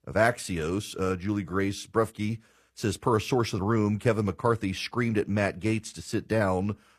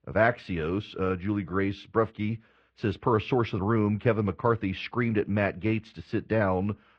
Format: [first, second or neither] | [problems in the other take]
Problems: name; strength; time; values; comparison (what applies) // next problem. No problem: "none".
first | muffled; slightly; fading above 3.5 kHz